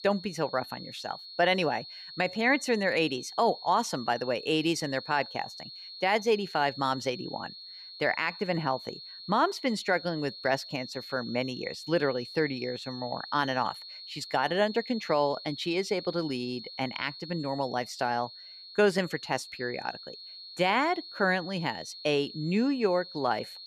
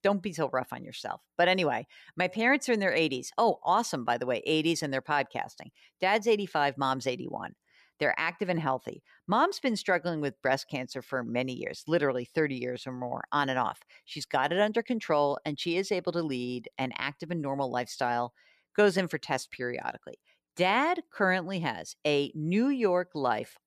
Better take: second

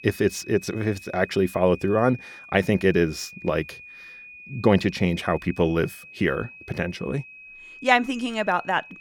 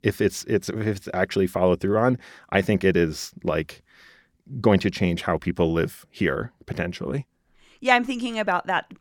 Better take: second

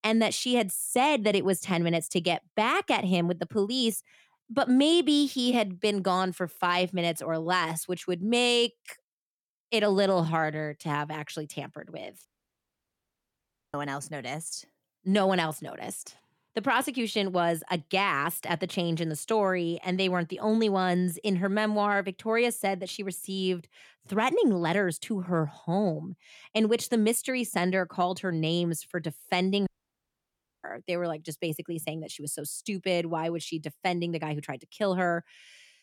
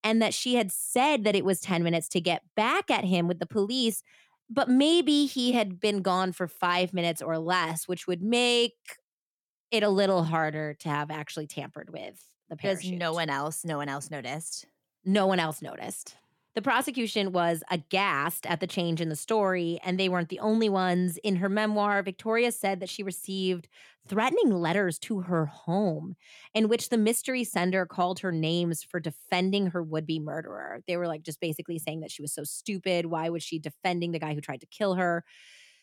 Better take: second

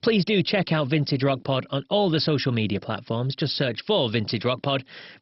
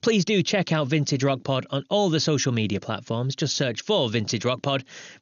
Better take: second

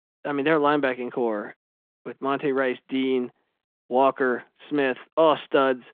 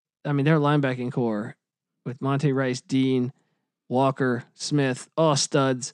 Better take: second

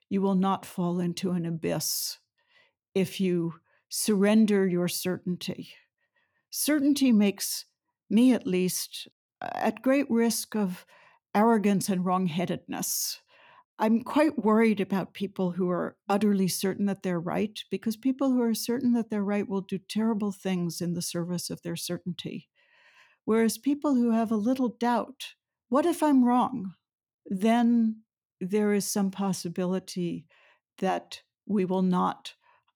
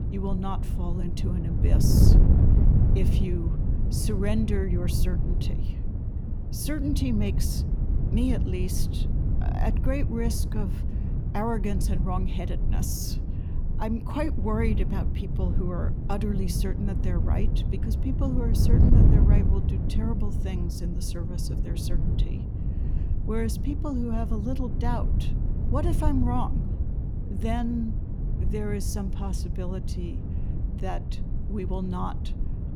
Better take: first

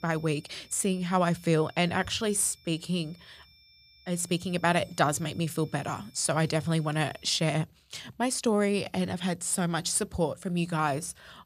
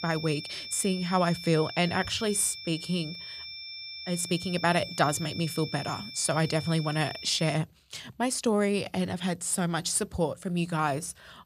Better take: first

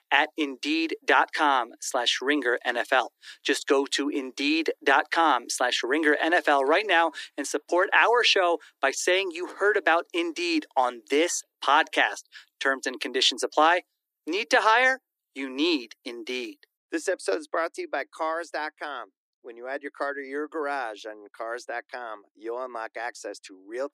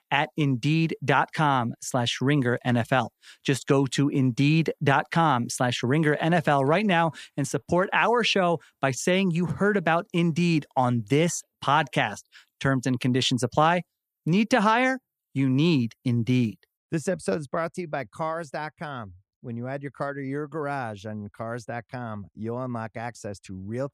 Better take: second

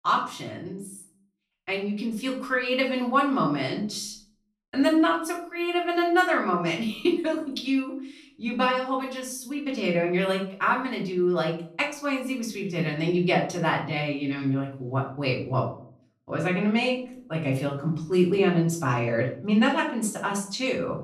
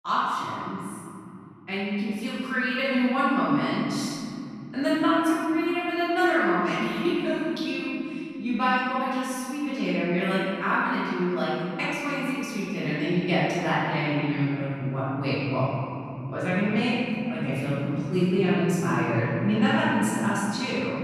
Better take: first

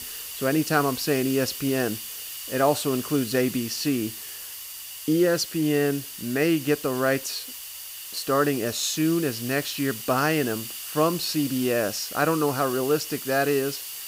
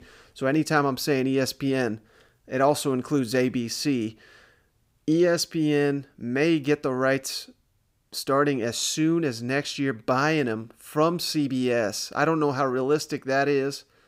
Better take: second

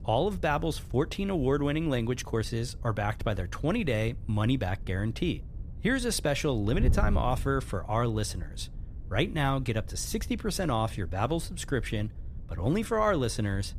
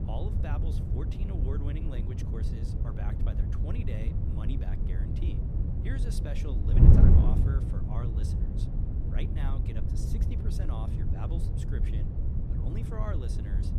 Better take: first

